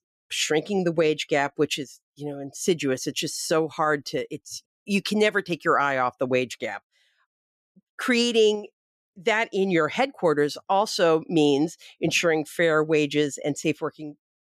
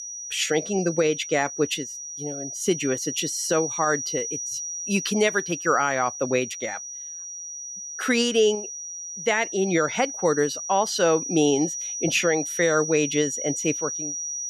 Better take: first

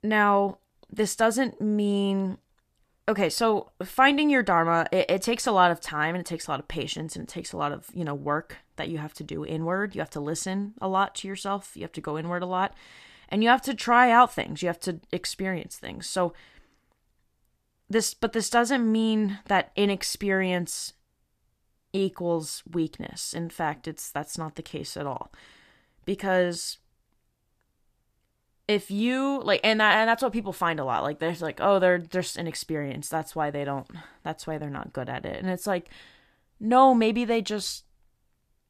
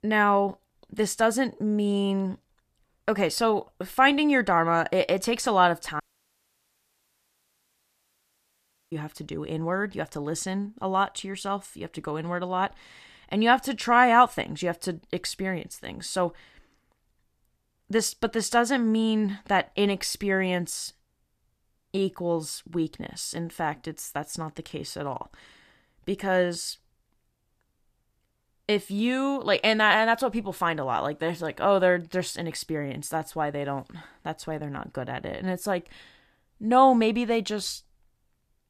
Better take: first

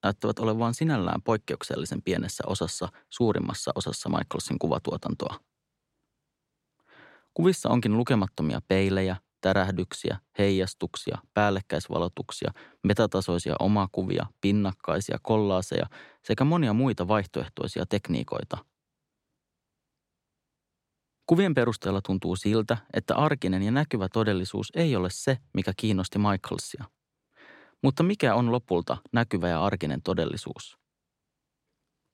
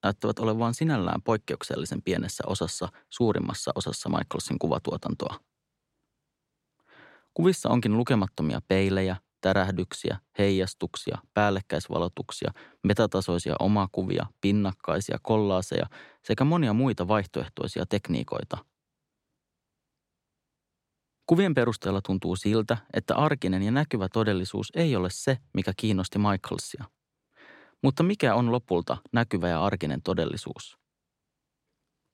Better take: neither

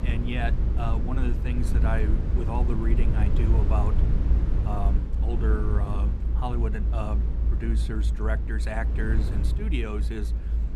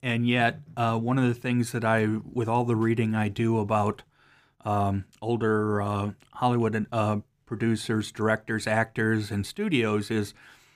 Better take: second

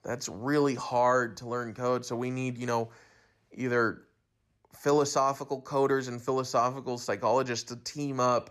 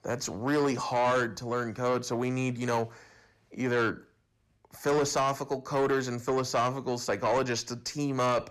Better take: first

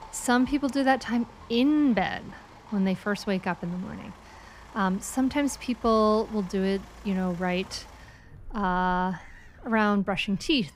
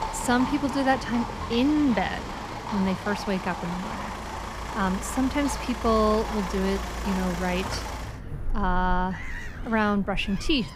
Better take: first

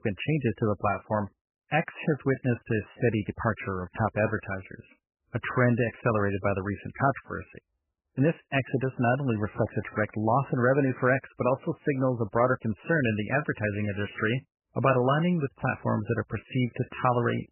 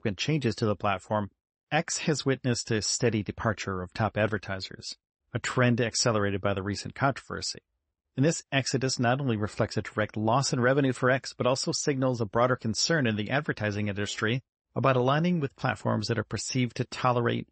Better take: second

